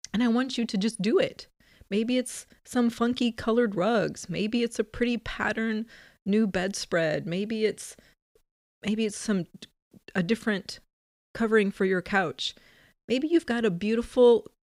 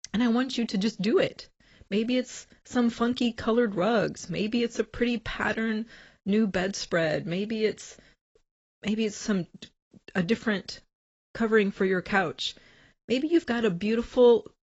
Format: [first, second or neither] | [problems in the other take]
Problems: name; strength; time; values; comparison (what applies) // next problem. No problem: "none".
first | garbled, watery; badly; nothing above 7.5 kHz